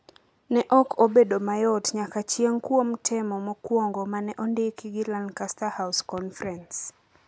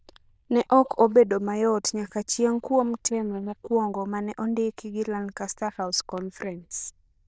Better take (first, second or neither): first